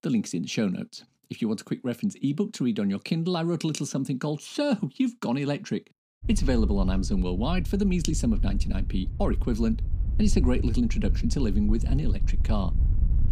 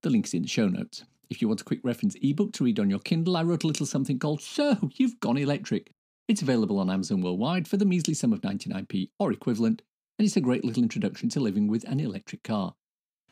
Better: second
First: wind noise on the microphone; occasional gusts; from 6 s on; 15 dB below the speech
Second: none

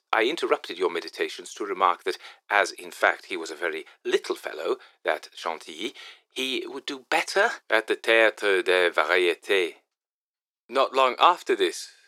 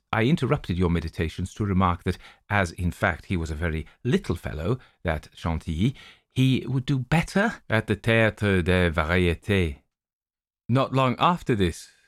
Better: second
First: thin; very; fading below 350 Hz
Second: none

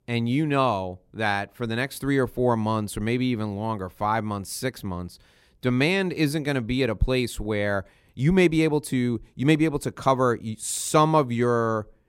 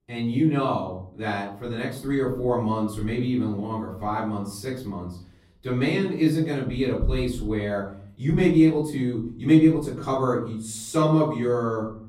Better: first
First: none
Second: room echo; slight; dies away in 0.5 s // off-mic speech; far

